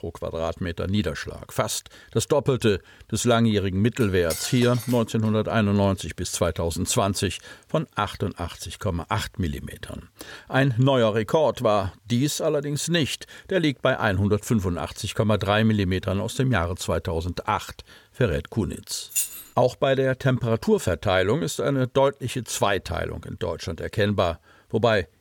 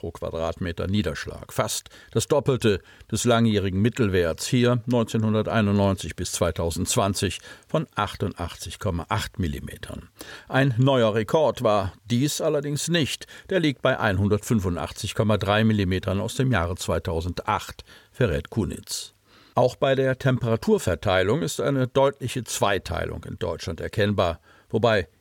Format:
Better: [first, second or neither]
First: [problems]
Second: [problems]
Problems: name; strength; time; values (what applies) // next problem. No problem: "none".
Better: second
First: clattering dishes; noticeable; from 4 to 5.5 s; peak 7 dB below the speech // jangling keys; noticeable; at 19 s; peak 1 dB below the speech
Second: none